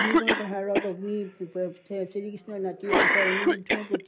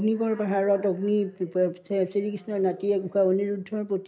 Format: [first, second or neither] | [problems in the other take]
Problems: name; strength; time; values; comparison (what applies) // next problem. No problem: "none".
second | background sound (Cough); 4 dB above the speech